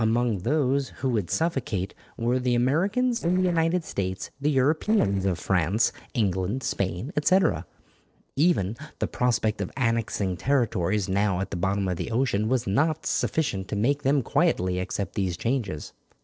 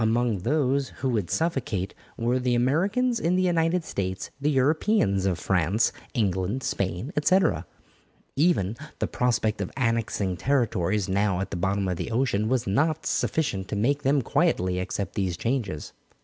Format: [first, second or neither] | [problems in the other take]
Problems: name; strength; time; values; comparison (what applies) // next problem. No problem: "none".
second | noise reduction (neural separator model SepFormer DNS4)